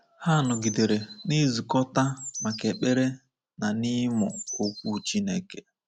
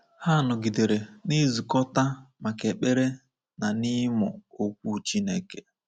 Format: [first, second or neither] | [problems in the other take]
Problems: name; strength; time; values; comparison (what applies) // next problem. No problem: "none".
second | background sound (Bird); 13 dB below the speech